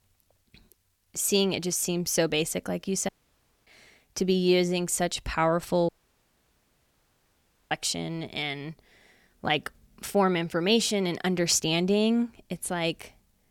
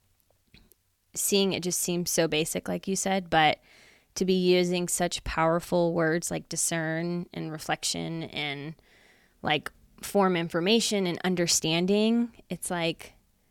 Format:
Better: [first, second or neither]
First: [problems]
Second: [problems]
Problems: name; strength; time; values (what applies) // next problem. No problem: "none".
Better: second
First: audio cutting out; at 3 s for 0.5 s and at 6 s for 2 s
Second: none